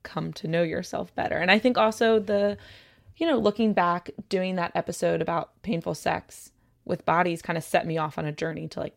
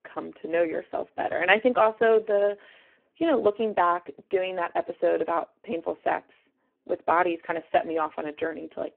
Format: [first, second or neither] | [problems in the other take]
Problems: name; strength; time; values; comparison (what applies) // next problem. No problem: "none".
first | phone-call audio; poor line